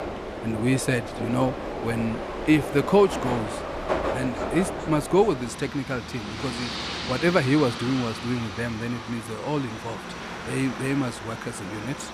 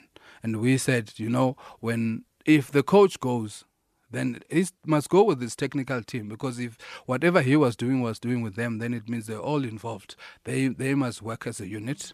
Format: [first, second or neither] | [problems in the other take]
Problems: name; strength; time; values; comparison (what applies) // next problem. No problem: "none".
second | train or aircraft noise; loud; throughout; 6 dB below the speech